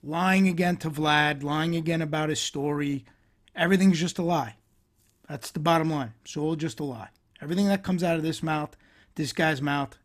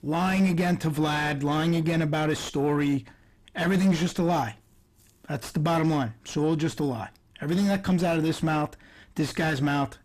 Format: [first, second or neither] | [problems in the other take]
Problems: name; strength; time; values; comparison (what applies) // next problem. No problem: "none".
first | distortion; heavy; 7 dB below the speech